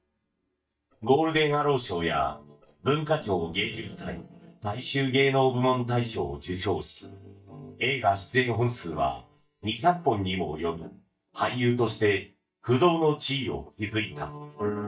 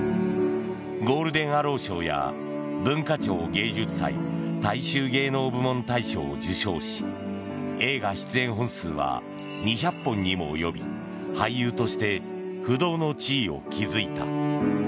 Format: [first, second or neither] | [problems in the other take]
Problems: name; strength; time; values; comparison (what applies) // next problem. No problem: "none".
second | noise reduction (neural mask model DeepFilterNet 3)